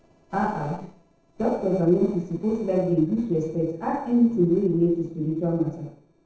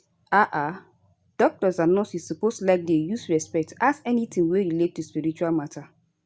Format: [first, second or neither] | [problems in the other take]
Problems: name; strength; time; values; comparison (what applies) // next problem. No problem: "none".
second | noise reduction (neural separator model SepFormer DNS4)